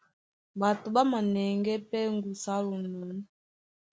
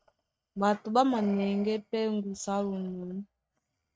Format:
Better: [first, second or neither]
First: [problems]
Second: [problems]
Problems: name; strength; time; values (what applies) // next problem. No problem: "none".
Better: first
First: none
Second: noise reduction (neural mask model RNNoise)